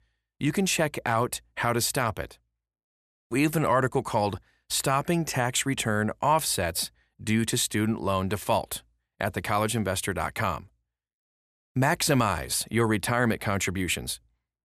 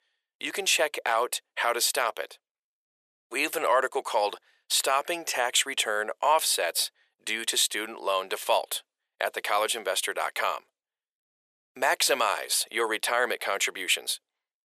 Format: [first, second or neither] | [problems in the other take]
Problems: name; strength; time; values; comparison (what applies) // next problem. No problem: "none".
first | thin; very; fading below 450 Hz